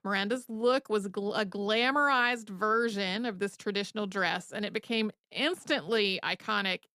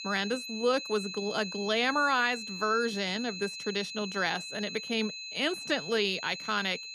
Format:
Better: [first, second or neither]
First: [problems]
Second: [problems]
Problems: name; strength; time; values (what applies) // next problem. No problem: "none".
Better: first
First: none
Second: high-pitched whine; loud; throughout; 4 kHz, 8 dB below the speech